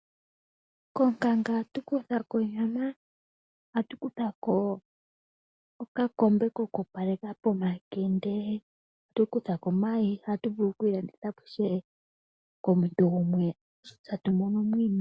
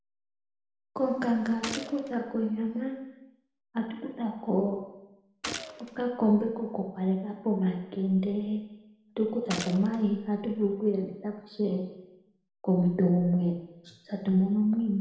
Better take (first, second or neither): first